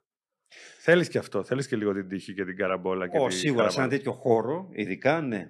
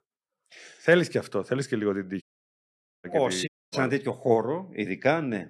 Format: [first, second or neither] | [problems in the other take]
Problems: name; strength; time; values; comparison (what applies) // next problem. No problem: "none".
first | audio cutting out; at 2 s for 1 s and at 3.5 s